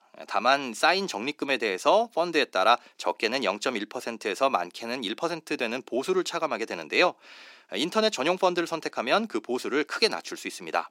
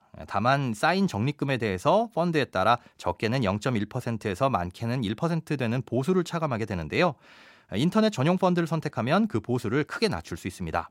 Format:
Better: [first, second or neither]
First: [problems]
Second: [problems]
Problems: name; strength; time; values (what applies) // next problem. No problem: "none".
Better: second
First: thin; somewhat; fading below 300 Hz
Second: none